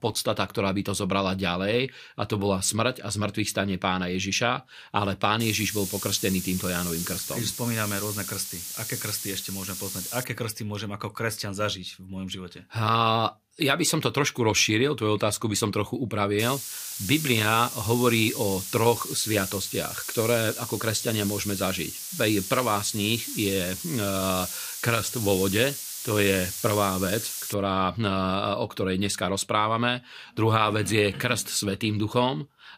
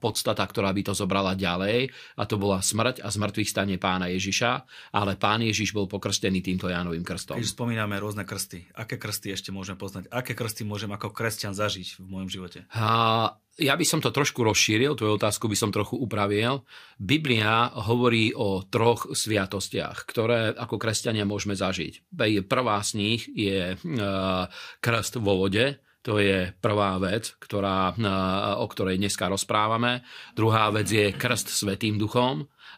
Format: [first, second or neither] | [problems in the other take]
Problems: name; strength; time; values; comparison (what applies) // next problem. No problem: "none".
second | hiss; loud; from 5.5 to 10 s and from 16 to 28 s; 6 dB below the speech